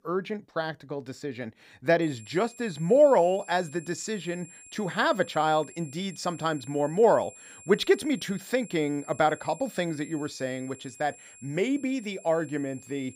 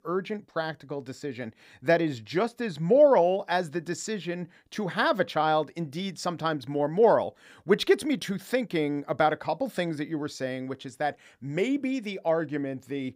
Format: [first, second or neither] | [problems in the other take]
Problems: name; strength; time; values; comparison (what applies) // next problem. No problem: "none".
second | high-pitched whine; noticeable; from 2 s on; 7.5 kHz, 20 dB below the speech